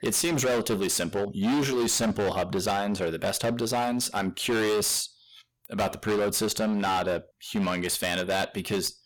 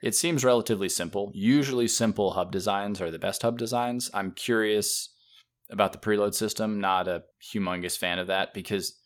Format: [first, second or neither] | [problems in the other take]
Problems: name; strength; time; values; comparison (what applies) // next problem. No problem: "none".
second | distortion; heavy; 21% of the sound clipped